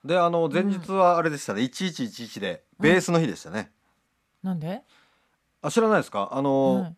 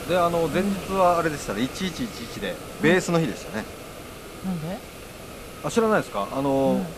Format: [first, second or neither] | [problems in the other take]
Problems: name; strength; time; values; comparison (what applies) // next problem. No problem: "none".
first | hiss; noticeable; throughout; 10 dB below the speech